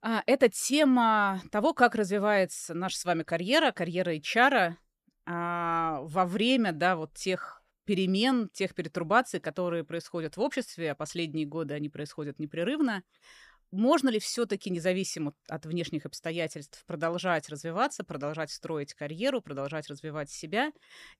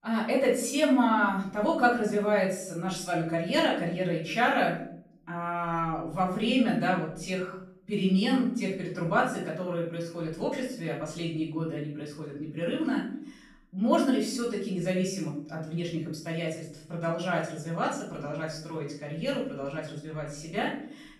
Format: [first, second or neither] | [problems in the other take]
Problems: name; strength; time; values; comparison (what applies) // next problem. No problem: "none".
first | off-mic speech; far // room echo; noticeable; dies away in 0.6 s